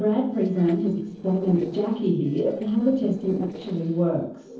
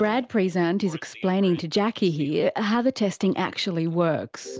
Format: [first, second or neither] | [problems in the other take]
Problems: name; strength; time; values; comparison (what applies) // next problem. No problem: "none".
second | noise reduction (neural separator model SepFormer DNS4)